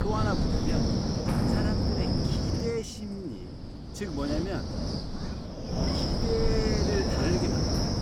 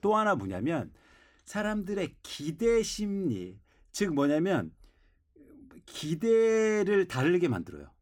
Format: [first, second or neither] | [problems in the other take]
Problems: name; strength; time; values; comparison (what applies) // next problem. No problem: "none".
second | wind noise on the microphone; heavy; 3 dB above the speech